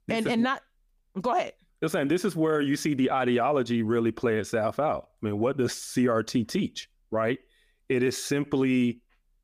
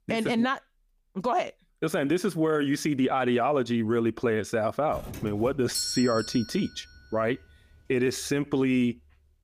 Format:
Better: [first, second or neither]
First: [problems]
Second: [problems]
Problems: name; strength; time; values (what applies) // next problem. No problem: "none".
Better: first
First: none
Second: doorbell; noticeable; from 5 to 6.5 s; peak 2 dB below the speech